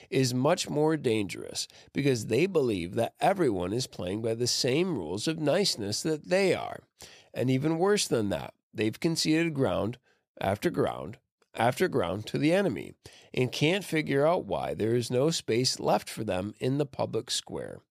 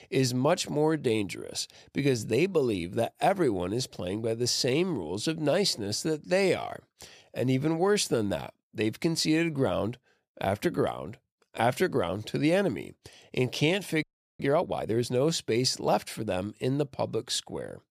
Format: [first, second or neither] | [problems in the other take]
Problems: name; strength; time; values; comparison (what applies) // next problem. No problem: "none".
first | audio freezing; at 14 s